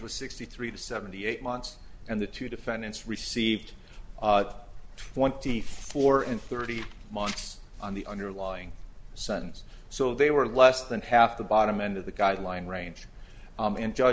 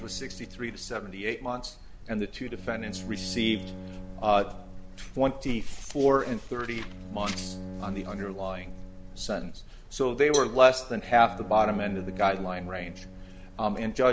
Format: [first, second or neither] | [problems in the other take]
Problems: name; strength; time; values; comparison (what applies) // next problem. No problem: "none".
first | background sound (Cowbell + Bowed string instrument); 14 dB below the speech